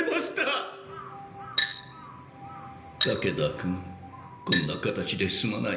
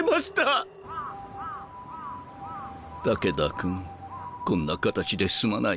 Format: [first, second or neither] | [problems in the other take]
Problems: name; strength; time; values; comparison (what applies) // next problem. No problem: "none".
second | background sound (Glass); 4 dB below the speech // room echo; dies away in 1.4 s